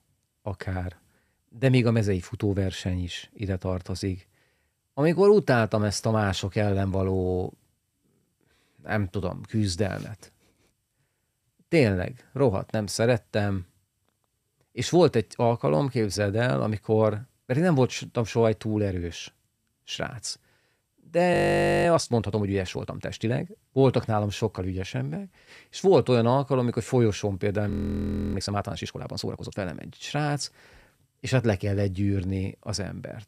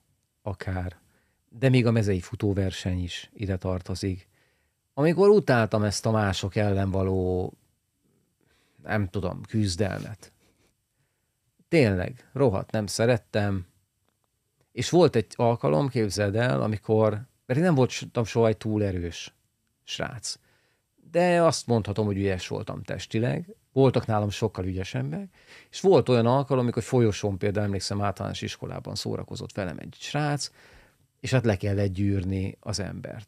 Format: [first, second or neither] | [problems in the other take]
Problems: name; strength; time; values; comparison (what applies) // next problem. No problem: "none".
second | audio freezing; at 21 s for 0.5 s and at 28 s for 0.5 s